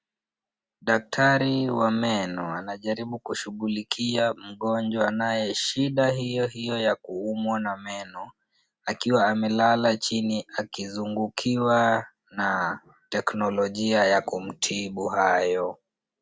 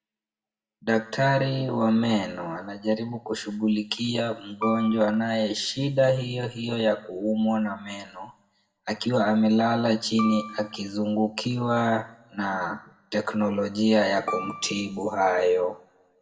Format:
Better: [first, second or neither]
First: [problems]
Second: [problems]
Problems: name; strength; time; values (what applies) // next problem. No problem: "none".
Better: first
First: none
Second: background sound (Piano); 12 dB below the speech // room echo; dies away in 0.6 s